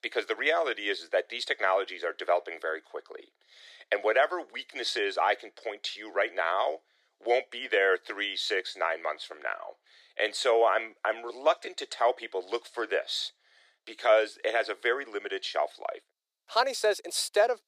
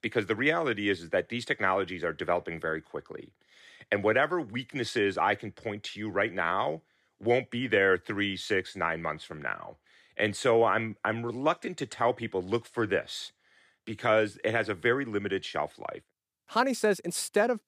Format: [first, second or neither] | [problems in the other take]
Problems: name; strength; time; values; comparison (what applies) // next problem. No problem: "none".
second | thin; very; fading below 400 Hz